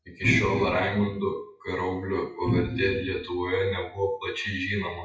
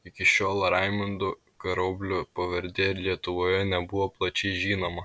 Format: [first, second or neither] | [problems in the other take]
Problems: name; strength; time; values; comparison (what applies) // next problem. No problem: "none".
second | noise reduction (classical method WPE with log-MMSE)